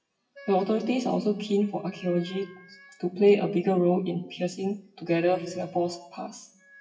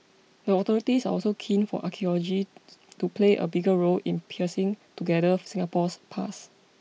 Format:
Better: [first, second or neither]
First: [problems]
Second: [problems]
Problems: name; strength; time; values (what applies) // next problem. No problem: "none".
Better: second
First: noise reduction (classical method WPE with log-MMSE)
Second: none